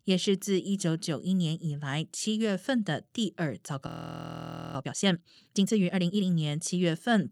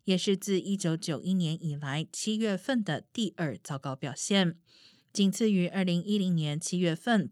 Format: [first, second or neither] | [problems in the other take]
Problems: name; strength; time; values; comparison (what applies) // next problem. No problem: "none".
second | audio freezing; at 4 s for 1 s